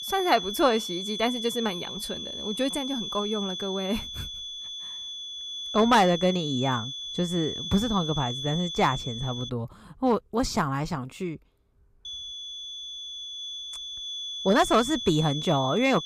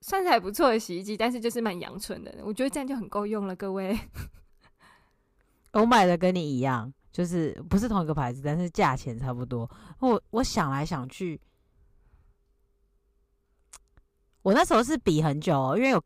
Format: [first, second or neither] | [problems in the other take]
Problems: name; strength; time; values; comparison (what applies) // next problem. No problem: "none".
second | high-pitched whine; loud; until 9.5 s and from 12 s on; 3.5 kHz, 6 dB below the speech